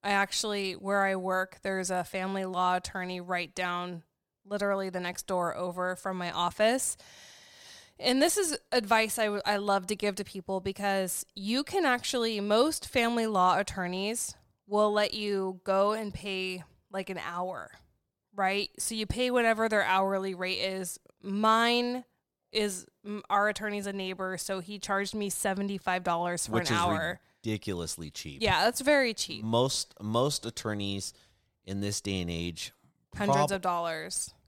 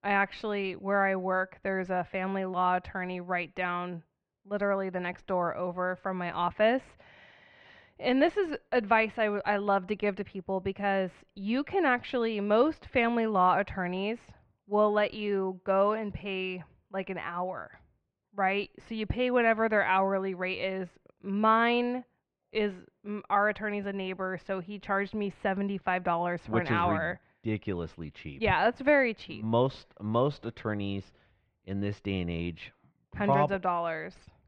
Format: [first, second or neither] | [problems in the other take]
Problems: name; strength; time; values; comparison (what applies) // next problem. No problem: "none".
first | muffled; very; fading above 2.5 kHz